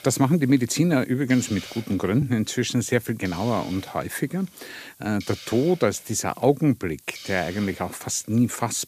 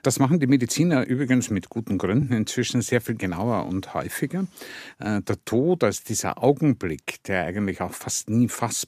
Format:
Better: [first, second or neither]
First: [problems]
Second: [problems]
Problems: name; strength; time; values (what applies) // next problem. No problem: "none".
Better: second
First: hiss; noticeable; throughout; 20 dB below the speech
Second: none